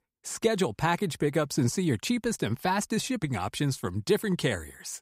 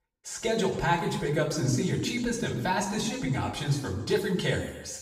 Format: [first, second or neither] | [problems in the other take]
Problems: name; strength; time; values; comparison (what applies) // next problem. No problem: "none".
first | room echo; noticeable; dies away in 0.9 s // off-mic speech; far